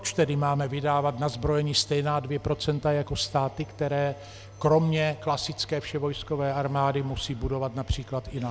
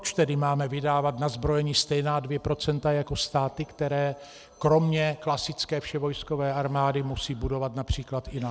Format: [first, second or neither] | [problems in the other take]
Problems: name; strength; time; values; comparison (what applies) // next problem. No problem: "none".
second | background sound (Engine); 19 dB below the speech